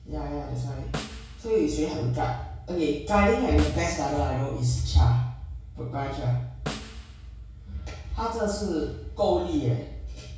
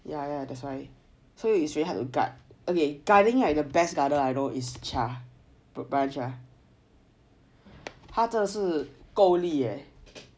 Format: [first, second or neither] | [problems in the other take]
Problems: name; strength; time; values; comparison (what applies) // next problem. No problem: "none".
second | background sound (Snare drum); 15 dB below the speech // room echo; dies away in 0.6 s